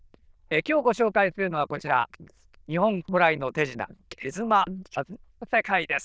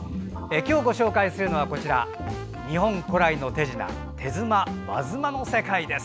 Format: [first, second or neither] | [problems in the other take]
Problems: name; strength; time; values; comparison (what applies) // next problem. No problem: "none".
second | noise reduction (neural diffusion model UNIVERSE++)